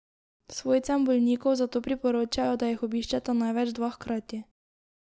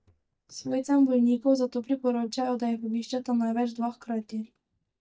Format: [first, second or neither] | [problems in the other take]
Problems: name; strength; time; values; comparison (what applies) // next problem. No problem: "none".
first | noise reduction (neural mask model DeepFilterNet 3)